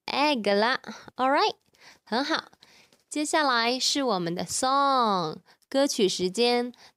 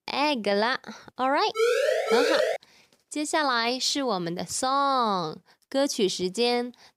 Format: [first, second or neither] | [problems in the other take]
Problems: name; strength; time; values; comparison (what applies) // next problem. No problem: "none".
first | siren; loud; from 1.5 to 2.5 s; peak 3 dB above the speech